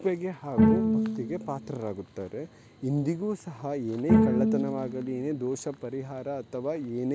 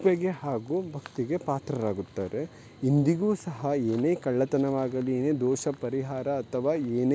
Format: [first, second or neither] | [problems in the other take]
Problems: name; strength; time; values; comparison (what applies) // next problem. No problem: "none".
second | background sound (Bowed string instrument); 3 dB above the speech